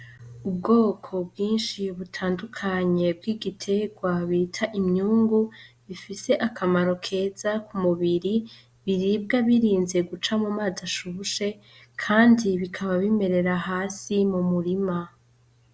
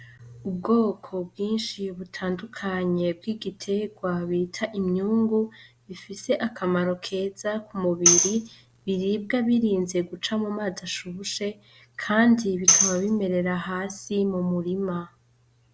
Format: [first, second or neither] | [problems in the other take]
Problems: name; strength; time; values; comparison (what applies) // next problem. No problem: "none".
first | background sound (Tambourine); 1 dB above the speech